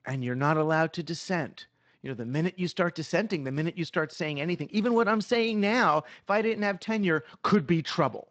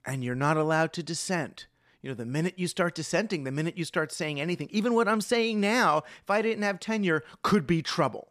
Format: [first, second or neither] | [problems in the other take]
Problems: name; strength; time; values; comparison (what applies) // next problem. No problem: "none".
second | garbled, watery; slightly; nothing above 8 kHz